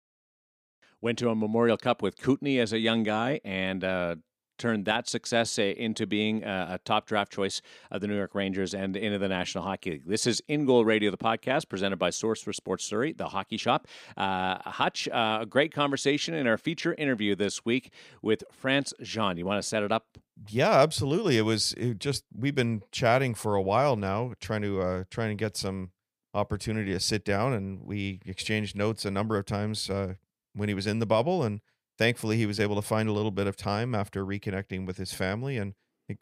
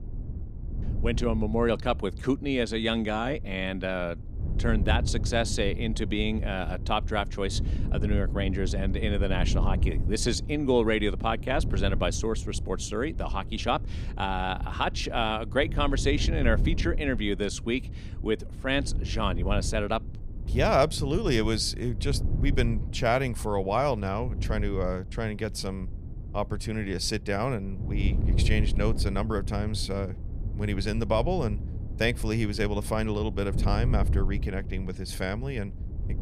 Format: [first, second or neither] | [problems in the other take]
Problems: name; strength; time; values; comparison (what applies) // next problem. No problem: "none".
first | wind noise on the microphone; occasional gusts; 15 dB below the speech